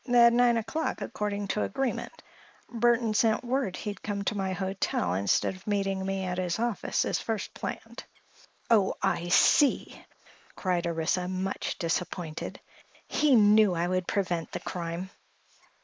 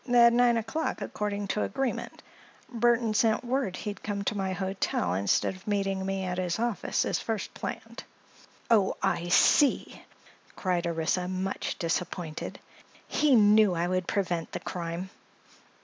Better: second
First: noise reduction (neural mask model Resemble Enhance denoiser)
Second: none

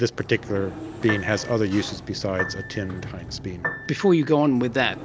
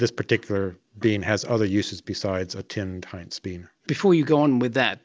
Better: second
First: background sound (Sliding door + Piano); 11 dB below the speech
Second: none

